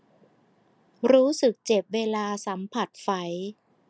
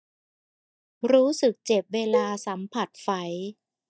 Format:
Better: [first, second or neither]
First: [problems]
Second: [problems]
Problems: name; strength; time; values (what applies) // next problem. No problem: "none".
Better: first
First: none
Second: noise reduction (neural mask model DeepFilterNet 3)